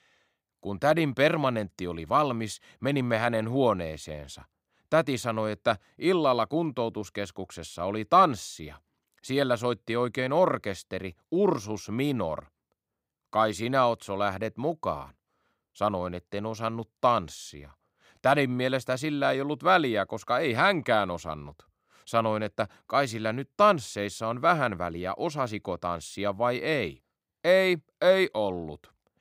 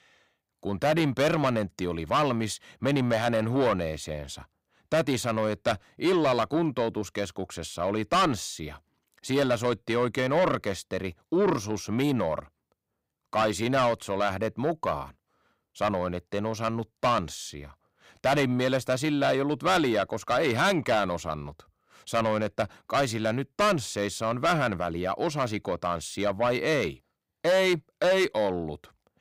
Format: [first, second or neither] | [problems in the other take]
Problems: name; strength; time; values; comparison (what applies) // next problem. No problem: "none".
first | distortion; heavy; 7 dB below the speech